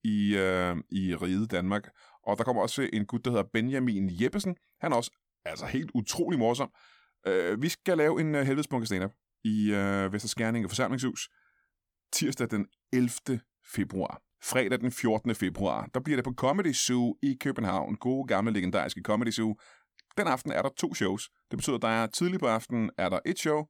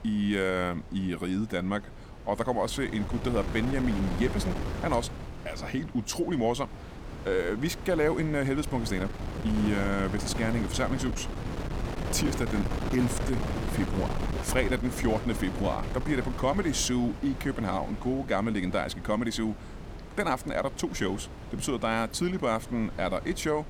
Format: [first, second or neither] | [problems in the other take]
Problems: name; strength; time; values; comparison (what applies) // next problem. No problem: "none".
first | wind noise on the microphone; heavy; 9 dB below the speech